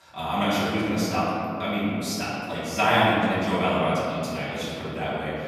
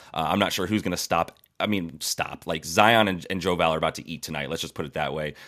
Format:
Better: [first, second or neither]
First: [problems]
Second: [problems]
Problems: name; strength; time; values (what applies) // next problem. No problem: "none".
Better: second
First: off-mic speech; far // room echo; strong; dies away in 2.5 s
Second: none